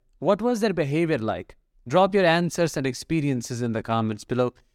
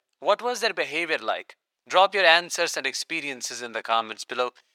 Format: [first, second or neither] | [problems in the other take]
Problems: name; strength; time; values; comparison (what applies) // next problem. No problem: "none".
first | thin; very; fading below 750 Hz